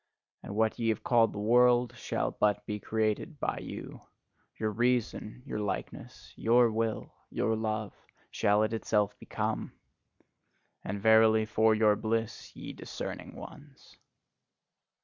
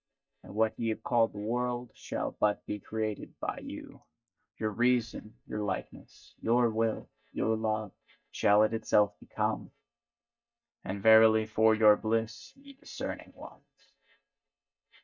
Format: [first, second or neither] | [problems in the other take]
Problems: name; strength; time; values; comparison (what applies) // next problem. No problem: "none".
first | noise reduction (neural mask model DeepFilterNet 3)